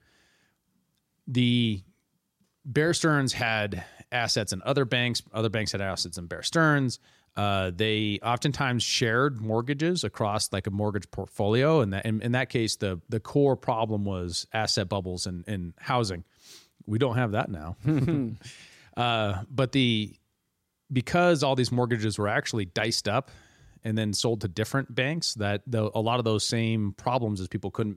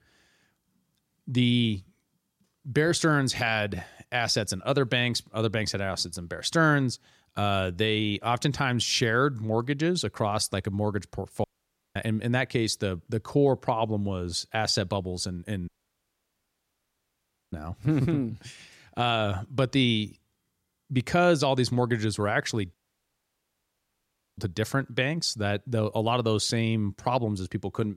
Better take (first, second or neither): first